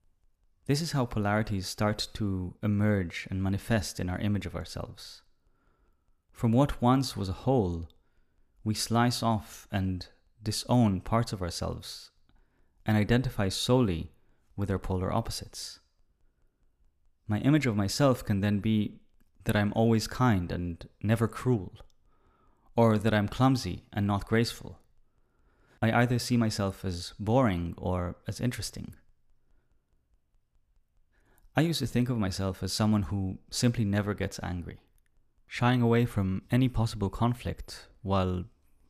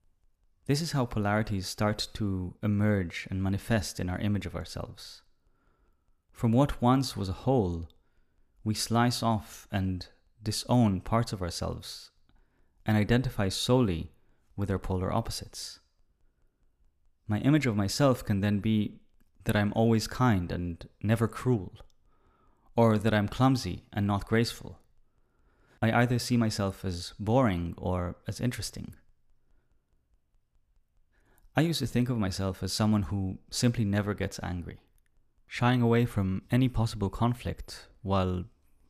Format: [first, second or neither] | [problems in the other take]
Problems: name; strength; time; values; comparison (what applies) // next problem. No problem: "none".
neither | none